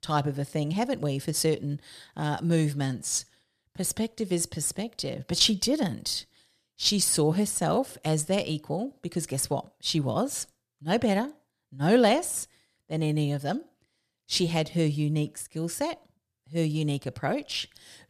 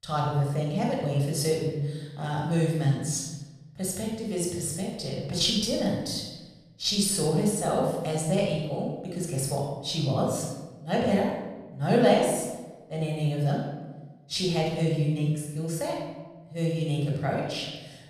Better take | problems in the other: first | off-mic speech; somewhat distant // room echo; noticeable; dies away in 1 s

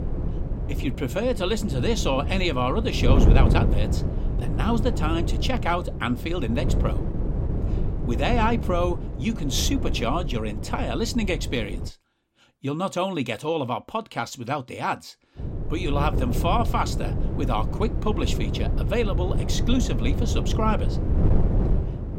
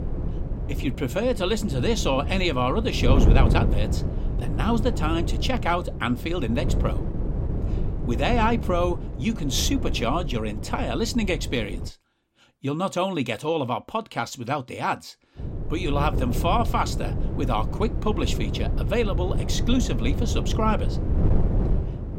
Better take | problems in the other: second | wind noise on the microphone; heavy; until 12 s and from 15 s on; 8 dB below the speech; occasional gusts in the second

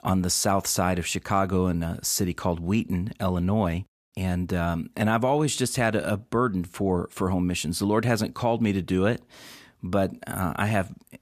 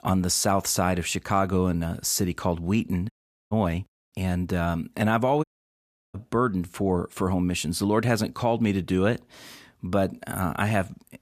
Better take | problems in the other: first | audio cutting out; at 3 s and at 5.5 s for 0.5 s

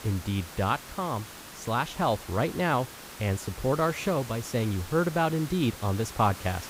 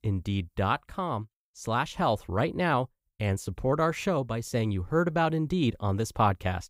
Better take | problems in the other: second | hiss; noticeable; throughout; 15 dB below the speech

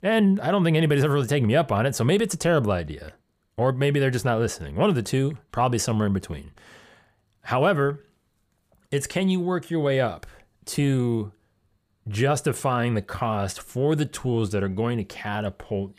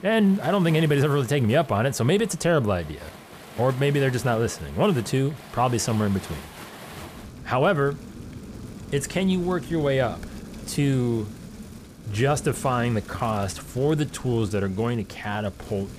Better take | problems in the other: first | rain or running water; noticeable; throughout; 15 dB below the speech

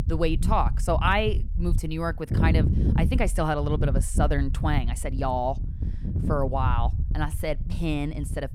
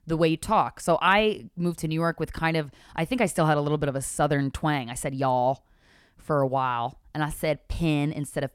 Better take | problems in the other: second | wind noise on the microphone; occasional gusts; 10 dB below the speech

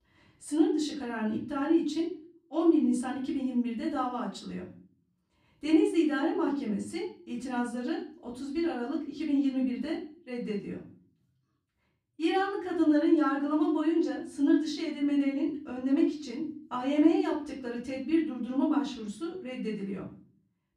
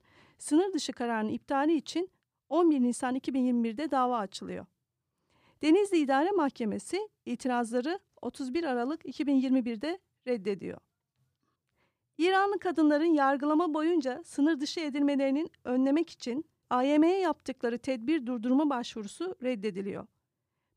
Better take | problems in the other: second | room echo; slight; dies away in 0.5 s // off-mic speech; far

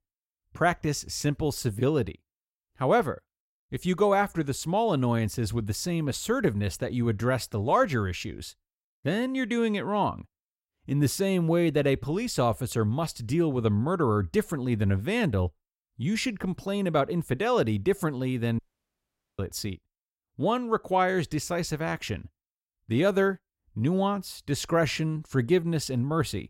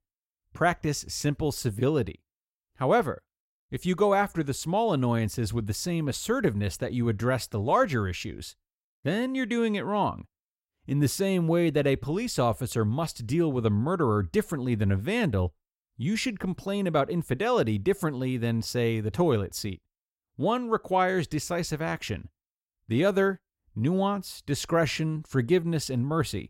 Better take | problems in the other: second | audio cutting out; at 19 s for 1 s

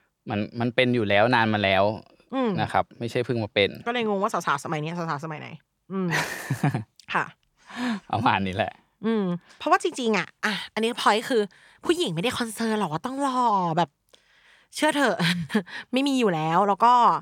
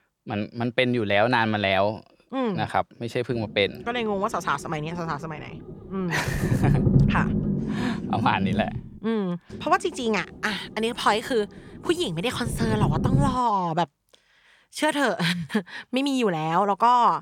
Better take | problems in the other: first | low rumble; noticeable; from 3 to 13 s; 10 dB below the speech

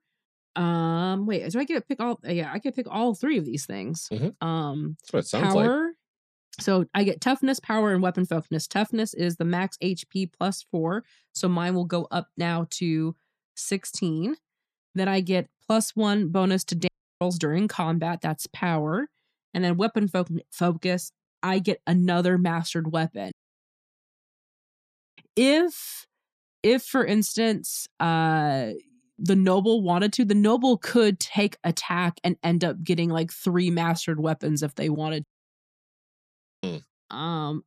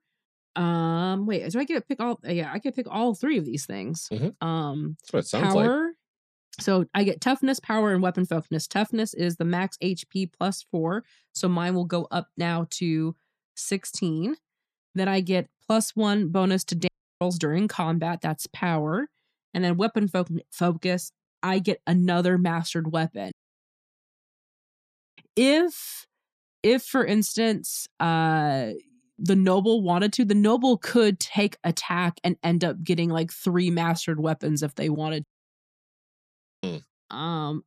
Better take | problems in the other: neither | audio cutting out; at 17 s, at 23 s for 2 s and at 35 s for 1.5 s; the same in both

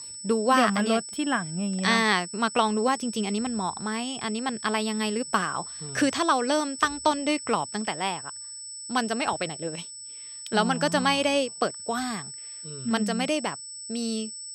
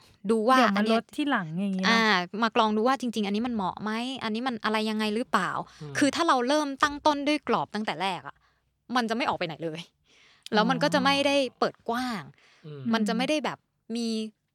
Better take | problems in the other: second | high-pitched whine; loud; throughout; 8 kHz, 10 dB below the speech

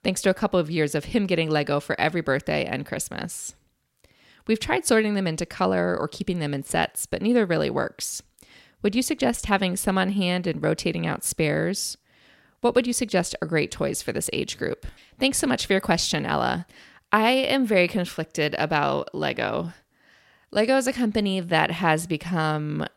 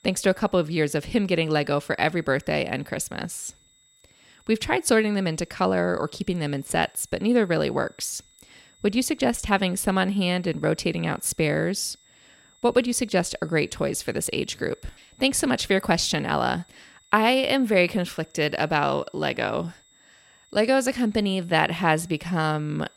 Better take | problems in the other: first | high-pitched whine; faint; throughout; 3.5 kHz, 30 dB below the speech

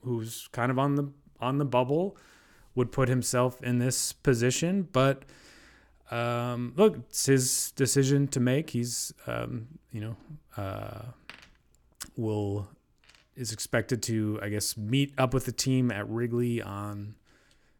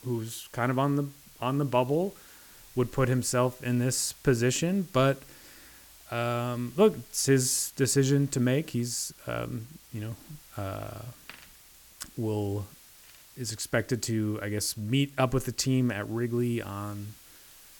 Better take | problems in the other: first | hiss; faint; throughout; 25 dB below the speech

